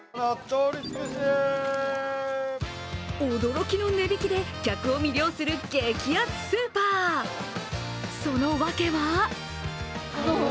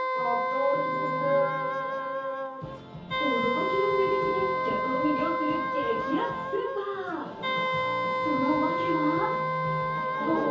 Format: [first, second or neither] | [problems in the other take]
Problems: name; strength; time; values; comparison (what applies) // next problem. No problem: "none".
first | background sound (Wind instrument, woodwind instrument); 1 dB above the speech // room echo; dies away in 0.6 s